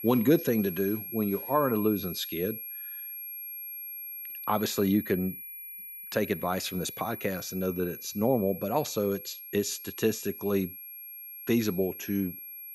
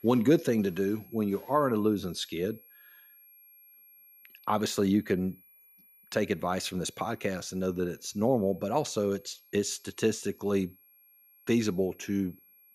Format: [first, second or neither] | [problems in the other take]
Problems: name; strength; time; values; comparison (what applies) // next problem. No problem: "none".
second | high-pitched whine; loud; throughout; 11.5 kHz, 9 dB below the speech; faint in the second